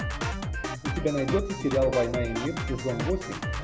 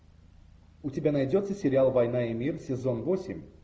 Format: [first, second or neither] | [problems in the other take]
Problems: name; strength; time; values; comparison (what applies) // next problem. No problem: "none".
second | background sound (Drum kit); 3 dB below the speech